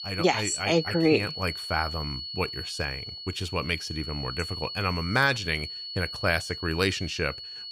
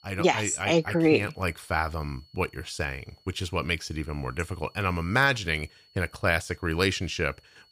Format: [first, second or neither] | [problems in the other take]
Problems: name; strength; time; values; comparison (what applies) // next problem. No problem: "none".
second | high-pitched whine; loud; throughout; 4.5 kHz, 7 dB below the speech; faint in the second